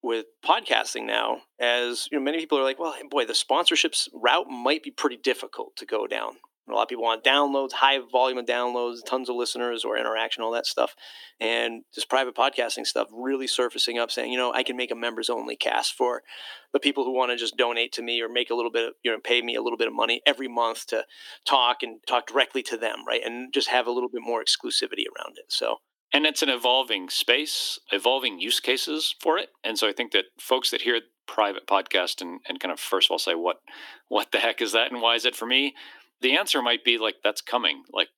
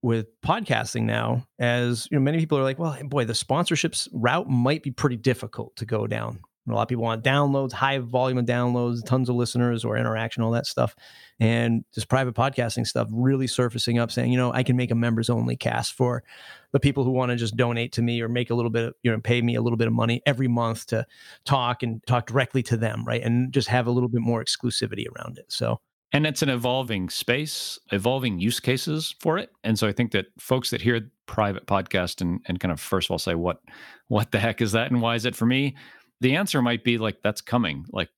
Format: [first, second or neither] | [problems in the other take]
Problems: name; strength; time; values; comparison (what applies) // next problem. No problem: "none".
second | thin; very; fading below 300 Hz